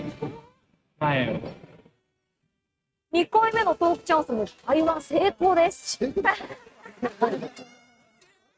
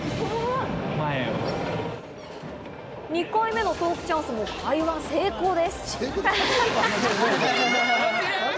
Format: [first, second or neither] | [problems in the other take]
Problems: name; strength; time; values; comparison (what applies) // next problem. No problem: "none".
second | noise reduction (neural mask model RNNoise)